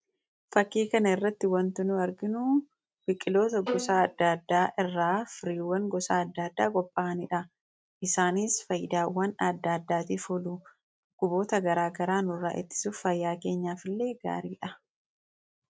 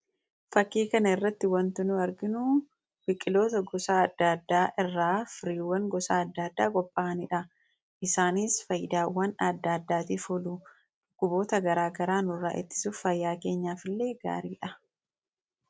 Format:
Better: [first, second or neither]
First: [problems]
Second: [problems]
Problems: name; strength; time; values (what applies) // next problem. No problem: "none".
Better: second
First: noise reduction (neural mask model RNNoise)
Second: none